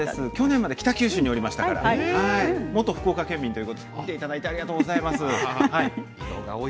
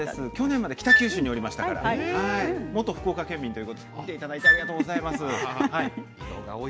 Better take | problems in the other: first | background sound (Wind instrument, woodwind instrument); 2 dB above the speech

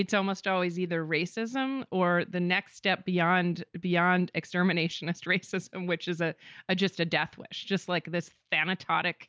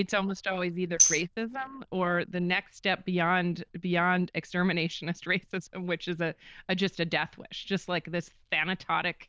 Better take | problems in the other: first | noise reduction (neural diffusion model UNIVERSE++)

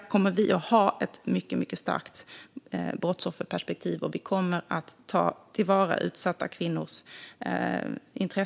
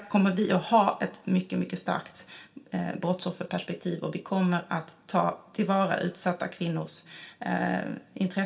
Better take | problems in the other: first | room echo; dies away in 0.5 s

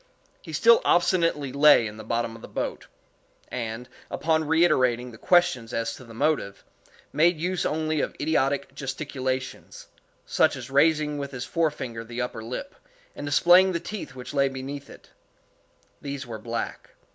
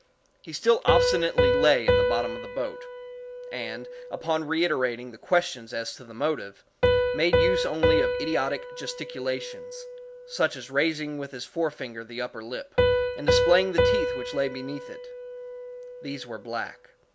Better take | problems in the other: first | background sound (Piano); 1 dB above the speech

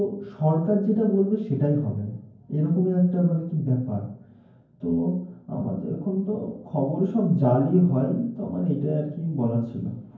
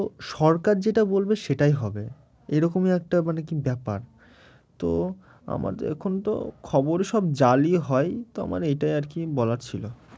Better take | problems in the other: second | room echo; dies away in 0.9 s

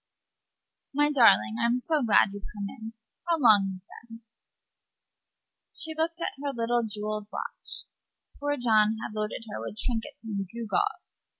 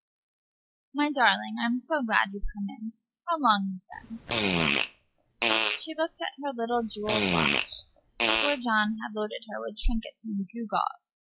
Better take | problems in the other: first | noise reduction (classical method log-MMSE)

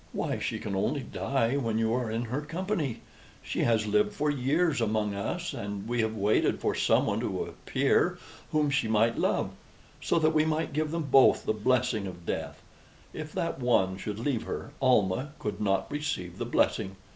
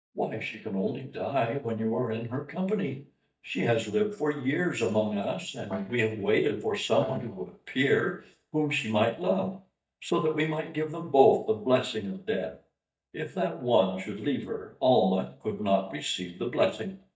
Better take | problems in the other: first | noise reduction (neural mask model DeepFilterNet 3)

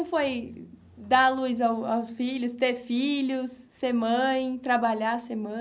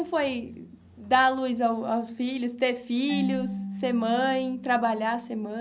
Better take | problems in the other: first | background sound (Marimba, xylophone / Wood); 12 dB below the speech

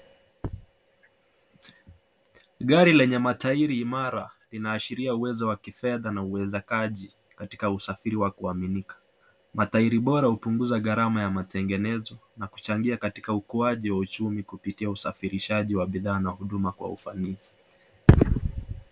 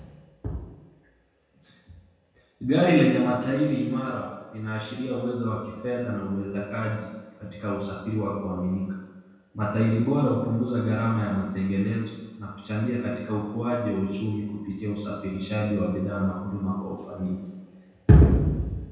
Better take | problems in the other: first | room echo; dies away in 1.2 s

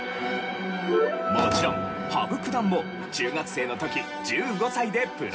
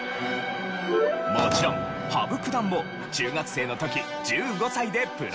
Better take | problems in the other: second | room echo; dies away in 0.3 s

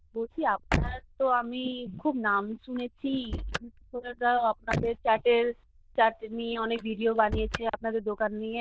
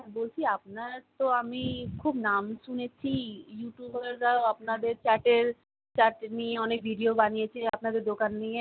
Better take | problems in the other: second | noise reduction (neural diffusion model UNIVERSE++)

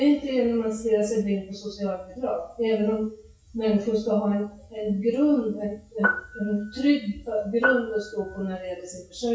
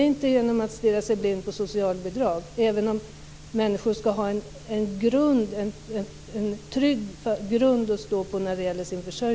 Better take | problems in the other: second | noise reduction (classical method WPE with log-MMSE)

